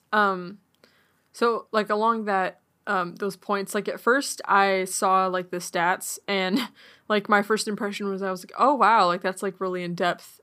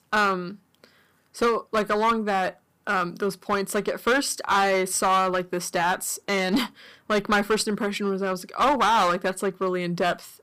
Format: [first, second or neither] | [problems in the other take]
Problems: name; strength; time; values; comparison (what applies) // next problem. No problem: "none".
first | distortion; heavy; 7% of the sound clipped